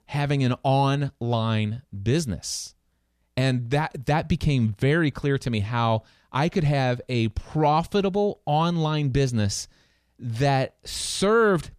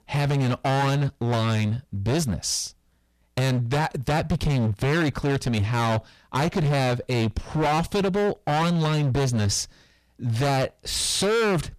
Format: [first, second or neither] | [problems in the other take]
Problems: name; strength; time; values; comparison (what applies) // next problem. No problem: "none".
first | distortion; heavy; 27% of the sound clipped